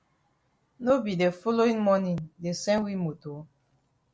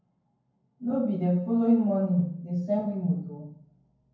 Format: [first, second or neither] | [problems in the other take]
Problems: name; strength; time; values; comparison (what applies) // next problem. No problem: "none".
first | room echo; dies away in 0.9 s